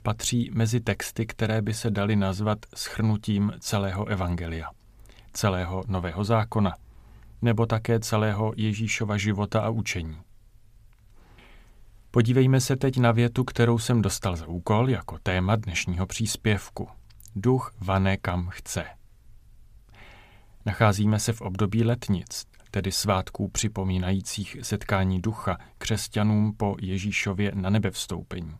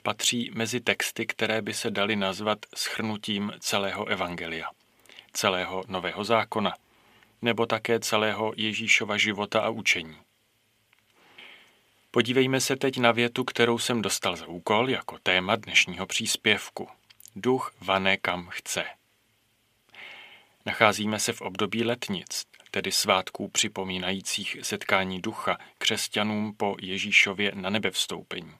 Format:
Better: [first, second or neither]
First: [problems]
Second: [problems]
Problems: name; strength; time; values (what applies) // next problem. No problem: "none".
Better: first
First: none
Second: thin; somewhat; fading below 300 Hz